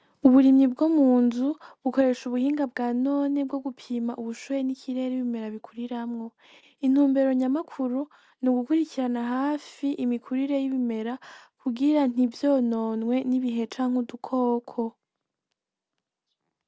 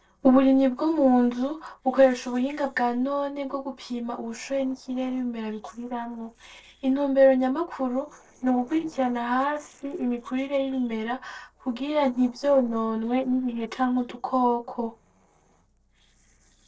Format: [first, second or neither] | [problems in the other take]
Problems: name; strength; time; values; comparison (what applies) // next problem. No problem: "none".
first | noise reduction (neural separator model SepFormer DNS4)